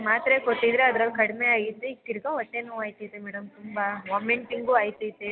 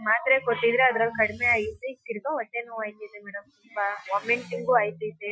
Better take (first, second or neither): first